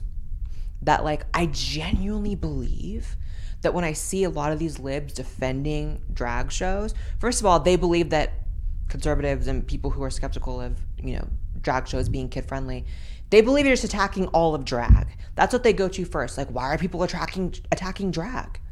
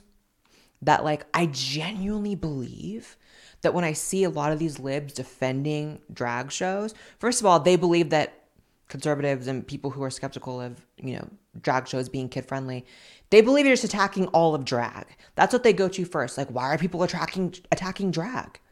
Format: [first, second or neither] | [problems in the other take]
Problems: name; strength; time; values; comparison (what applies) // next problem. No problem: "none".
second | low rumble; faint; throughout; 25 dB below the speech